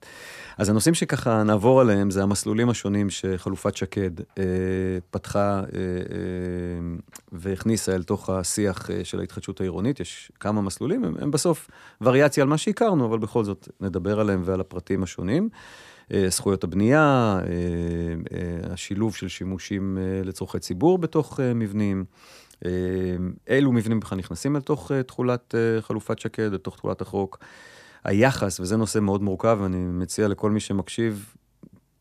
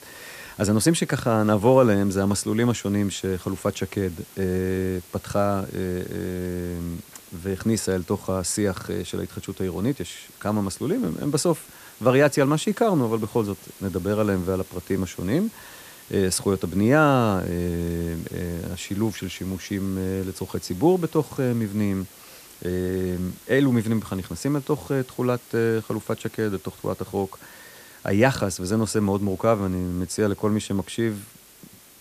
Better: first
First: none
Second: hiss; faint; throughout; 20 dB below the speech

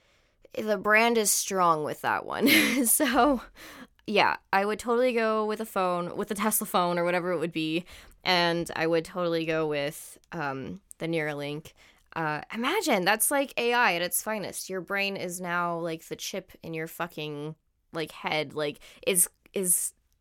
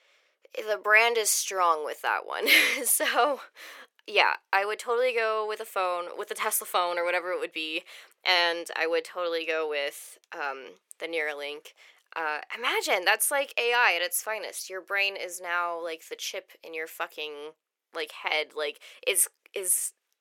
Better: first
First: none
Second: thin; very; fading below 450 Hz

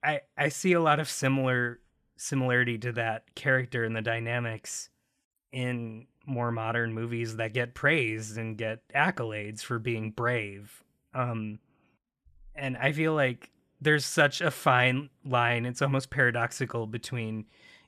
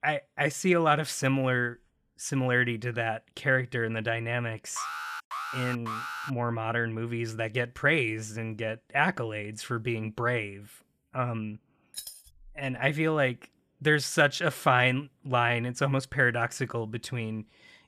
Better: first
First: none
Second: alarm; noticeable; from 5 to 6.5 s; peak 6 dB below the speech // jangling keys; faint; at 12 s; peak 10 dB below the speech

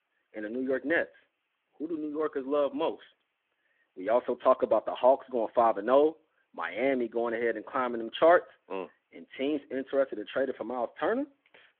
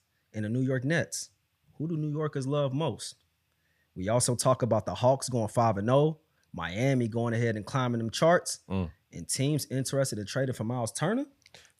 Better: second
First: phone-call audio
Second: none

